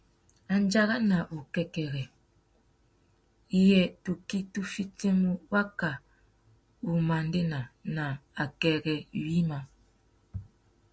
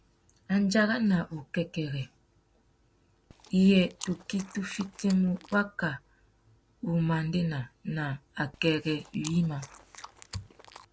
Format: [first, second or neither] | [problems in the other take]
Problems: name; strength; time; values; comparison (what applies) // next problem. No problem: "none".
first | background sound (Chewing, mastication); 19 dB below the speech